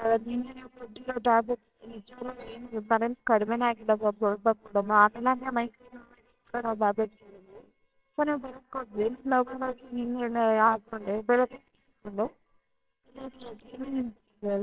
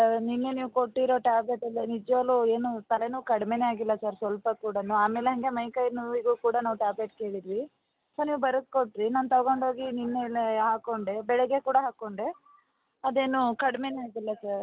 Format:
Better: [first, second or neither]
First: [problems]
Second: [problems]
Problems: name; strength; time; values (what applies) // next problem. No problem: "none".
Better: second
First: noise reduction (neural separator model SepFormer WHAMR!)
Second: none